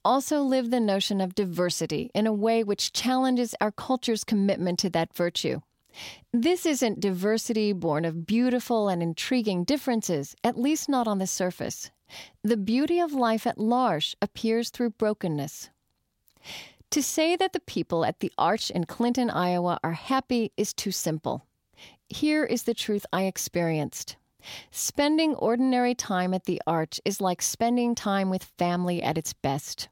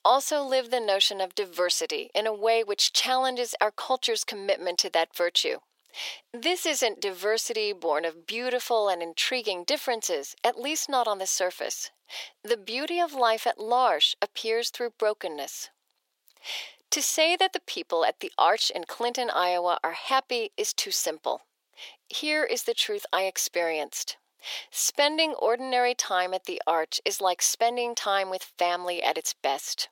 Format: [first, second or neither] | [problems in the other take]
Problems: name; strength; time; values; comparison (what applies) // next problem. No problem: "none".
first | thin; very; fading below 450 Hz